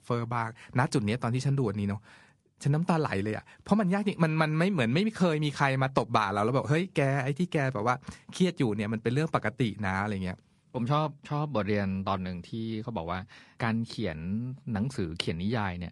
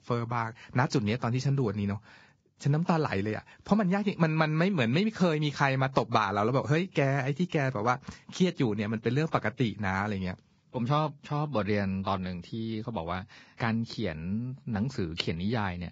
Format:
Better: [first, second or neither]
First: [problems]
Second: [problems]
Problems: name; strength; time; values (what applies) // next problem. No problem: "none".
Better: first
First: garbled, watery; slightly; nothing above 10.5 kHz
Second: garbled, watery; badly; nothing above 7.5 kHz